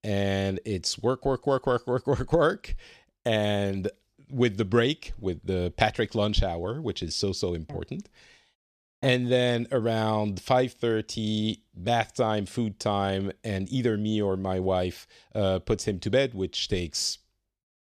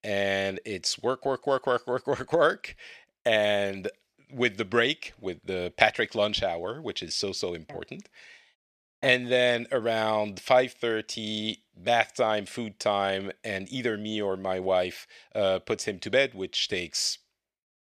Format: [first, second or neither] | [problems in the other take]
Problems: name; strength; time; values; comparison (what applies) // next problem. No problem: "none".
first | thin; somewhat; fading below 850 Hz